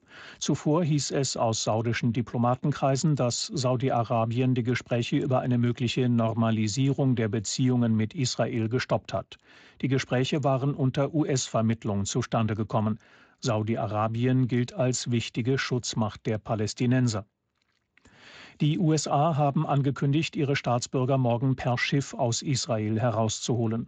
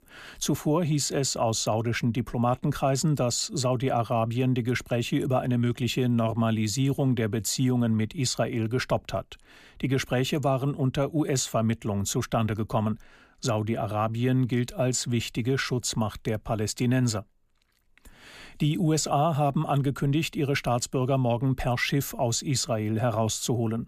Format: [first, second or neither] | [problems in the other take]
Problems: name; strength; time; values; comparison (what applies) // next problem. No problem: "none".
second | garbled, watery; slightly; nothing above 7.5 kHz